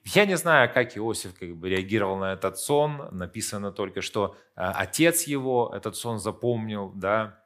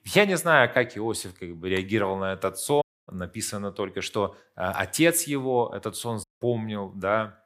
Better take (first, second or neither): first